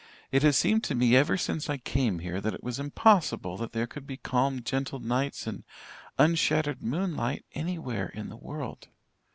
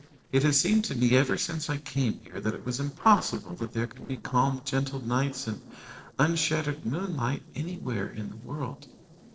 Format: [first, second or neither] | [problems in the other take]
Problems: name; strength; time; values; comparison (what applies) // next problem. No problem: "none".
first | noise reduction (neural separator model SepFormer DNS4)